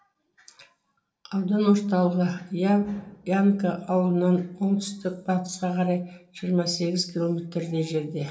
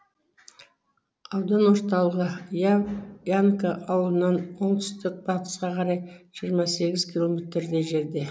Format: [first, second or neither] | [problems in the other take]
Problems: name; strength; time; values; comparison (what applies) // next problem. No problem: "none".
second | room echo; dies away in 0.5 s